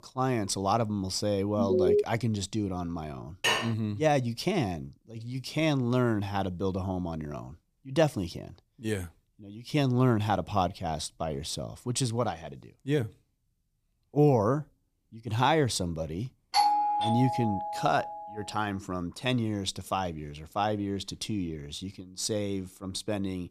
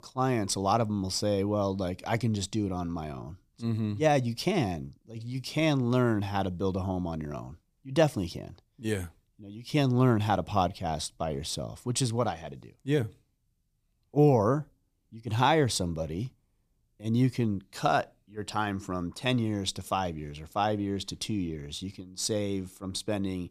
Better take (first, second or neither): second